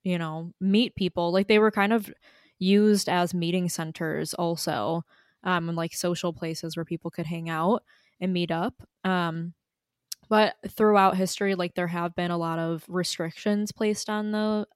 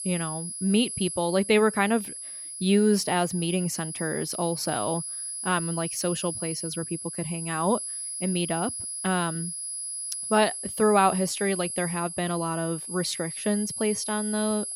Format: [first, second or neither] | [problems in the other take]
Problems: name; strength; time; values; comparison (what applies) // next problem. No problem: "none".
first | high-pitched whine; loud; throughout; 10.5 kHz, 5 dB below the speech